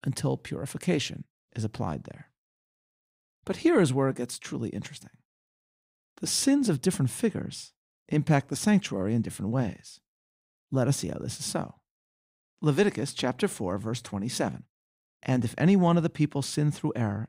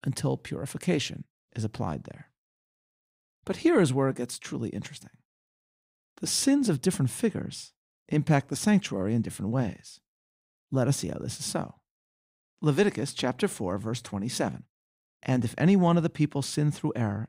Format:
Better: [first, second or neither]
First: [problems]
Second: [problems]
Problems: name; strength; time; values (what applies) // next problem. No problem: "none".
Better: neither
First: none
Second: none